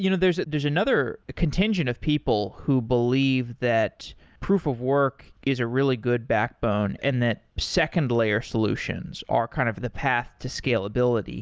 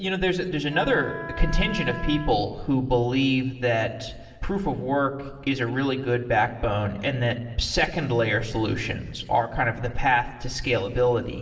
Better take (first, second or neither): first